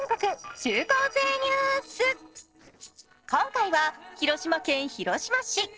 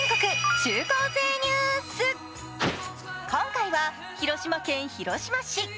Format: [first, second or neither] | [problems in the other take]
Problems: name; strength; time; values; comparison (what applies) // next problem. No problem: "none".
second | noise reduction (neural separator model SepFormer DNS4)